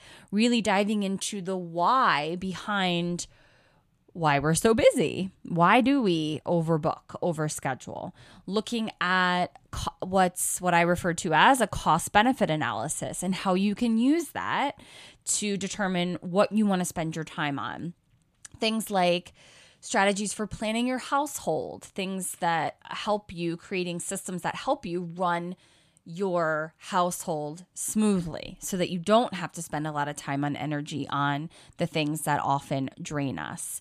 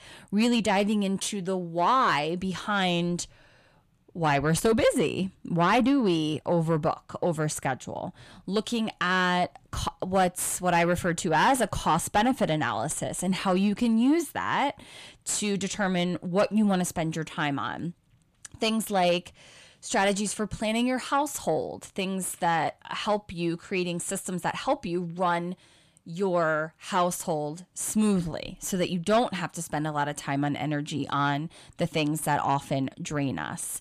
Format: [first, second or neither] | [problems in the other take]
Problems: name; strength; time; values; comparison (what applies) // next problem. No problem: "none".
first | distortion; slight; 10 dB below the speech